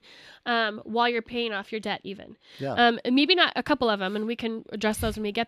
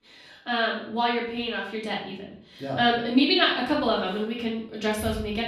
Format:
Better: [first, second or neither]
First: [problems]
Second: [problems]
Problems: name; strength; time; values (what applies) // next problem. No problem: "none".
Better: first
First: none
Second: off-mic speech; far // room echo; noticeable; dies away in 0.6 s